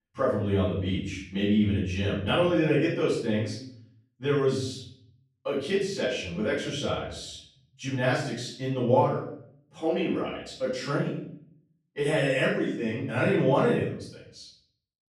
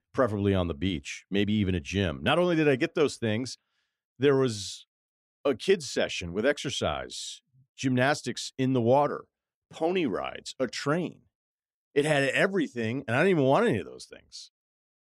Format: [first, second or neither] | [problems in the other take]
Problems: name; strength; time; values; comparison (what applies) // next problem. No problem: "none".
second | room echo; noticeable; dies away in 0.6 s // off-mic speech; far